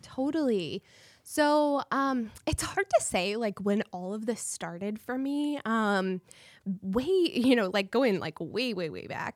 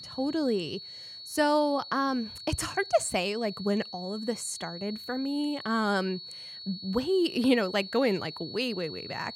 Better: first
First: none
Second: high-pitched whine; noticeable; throughout; 4.5 kHz, 10 dB below the speech

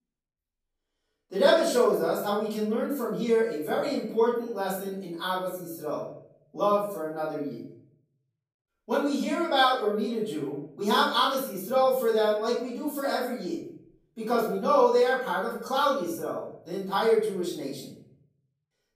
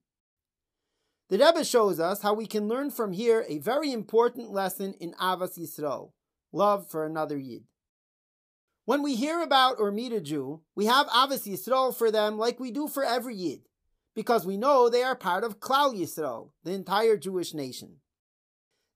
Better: second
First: off-mic speech; far // room echo; noticeable; dies away in 0.6 s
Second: none

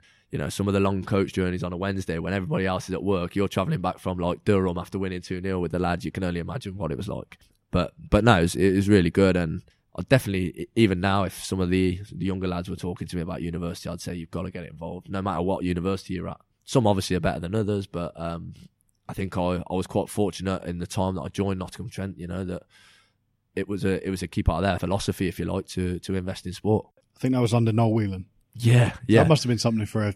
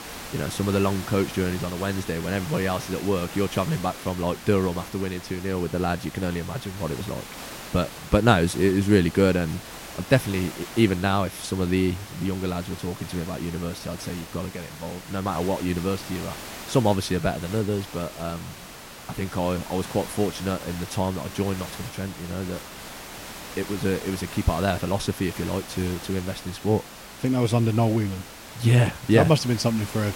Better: first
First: none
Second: hiss; noticeable; throughout; 10 dB below the speech

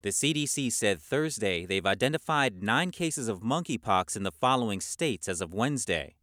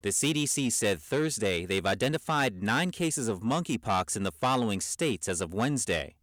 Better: first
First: none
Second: distortion; slight; 10 dB below the speech

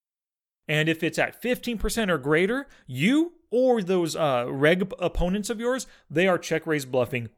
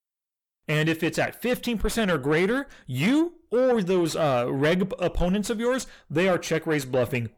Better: first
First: none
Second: distortion; slight; 10 dB below the speech

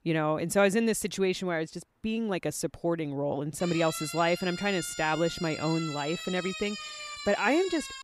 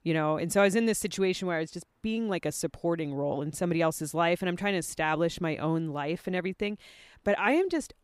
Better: second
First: siren; noticeable; from 3.5 s on; peak 8 dB below the speech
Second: none

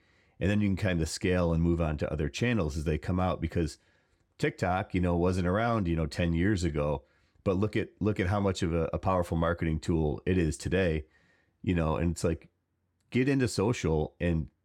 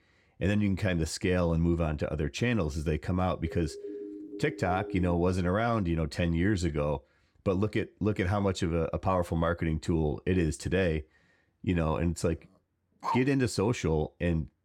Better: first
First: none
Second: siren; faint; from 3.5 to 5 s; peak 10 dB below the speech // dog barking; noticeable; at 13 s; peak 5 dB below the speech

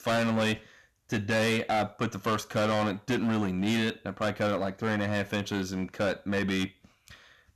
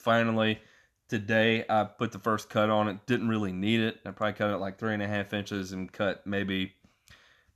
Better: second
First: distortion; heavy; 15% of the sound clipped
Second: none

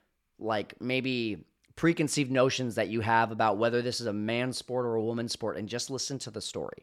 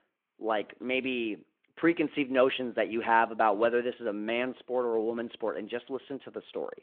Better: first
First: none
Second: phone-call audio

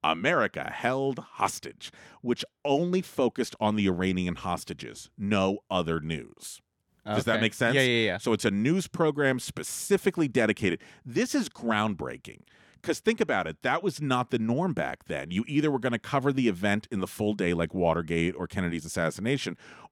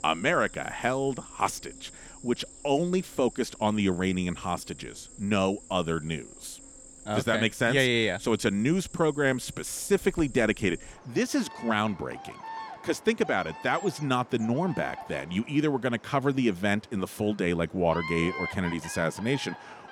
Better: first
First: none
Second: animal sounds; noticeable; throughout; 15 dB below the speech

